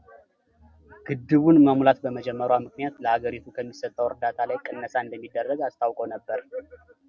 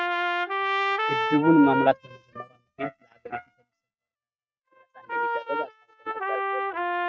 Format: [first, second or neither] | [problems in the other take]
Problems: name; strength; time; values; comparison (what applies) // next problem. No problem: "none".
first | noise reduction (neural mask model RNNoise)